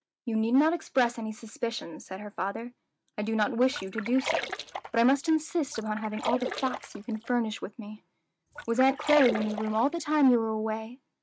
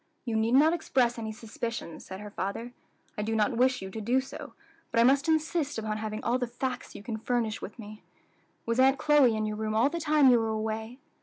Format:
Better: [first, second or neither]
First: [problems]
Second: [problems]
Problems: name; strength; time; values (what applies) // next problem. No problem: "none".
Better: second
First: noise reduction (neural mask model RNNoise)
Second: none